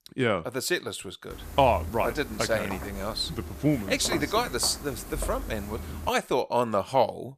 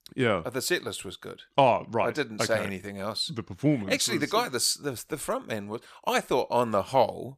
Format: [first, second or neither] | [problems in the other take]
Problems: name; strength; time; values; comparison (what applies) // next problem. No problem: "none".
second | footsteps; noticeable; from 1.5 to 6 s; peak 8 dB below the speech